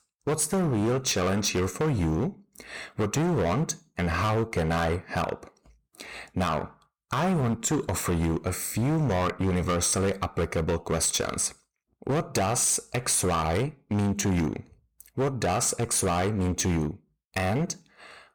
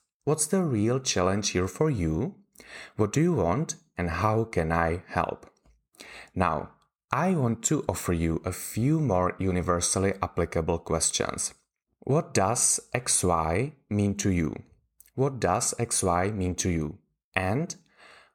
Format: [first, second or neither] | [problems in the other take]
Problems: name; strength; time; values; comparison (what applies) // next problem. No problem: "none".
second | distortion; heavy; 16% of the sound clipped